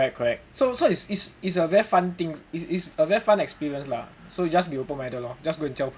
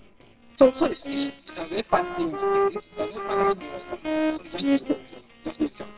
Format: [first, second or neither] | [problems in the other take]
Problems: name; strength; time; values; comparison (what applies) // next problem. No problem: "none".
first | noise reduction (neural separator model SepFormer WHAMR!)